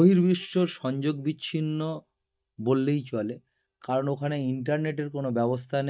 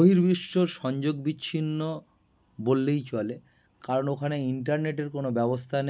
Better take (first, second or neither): second